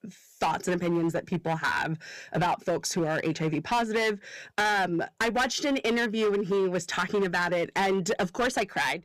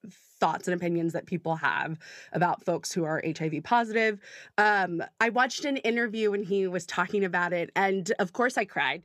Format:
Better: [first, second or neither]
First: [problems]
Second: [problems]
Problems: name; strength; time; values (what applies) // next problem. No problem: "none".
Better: second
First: distortion; heavy; 14% of the sound clipped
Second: none